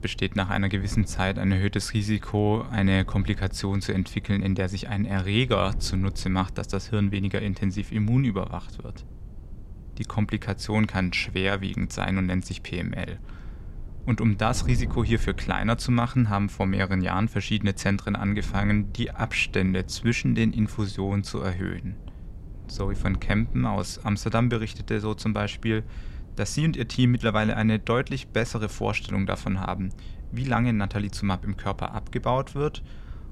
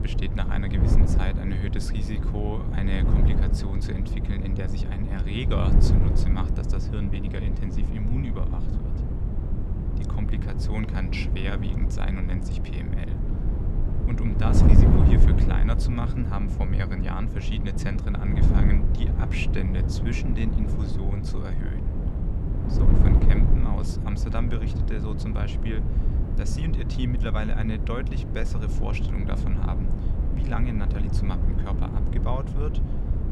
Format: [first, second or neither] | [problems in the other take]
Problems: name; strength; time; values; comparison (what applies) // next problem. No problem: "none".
first | wind noise on the microphone; heavy; 1 dB below the speech; occasional gusts in the first